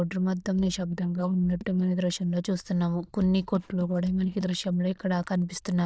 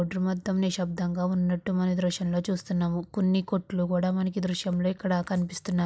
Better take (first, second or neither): second